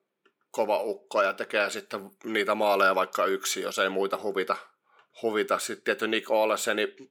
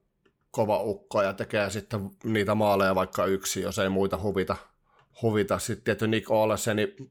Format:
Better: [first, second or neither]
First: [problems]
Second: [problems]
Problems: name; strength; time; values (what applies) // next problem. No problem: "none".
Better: second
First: thin; somewhat; fading below 300 Hz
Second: none